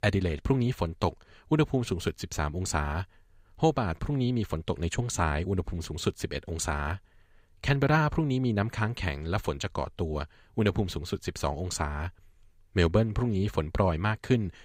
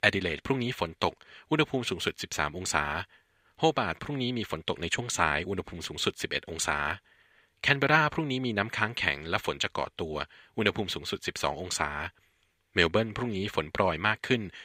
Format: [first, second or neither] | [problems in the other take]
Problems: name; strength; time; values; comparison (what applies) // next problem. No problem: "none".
first | thin; somewhat; fading below 600 Hz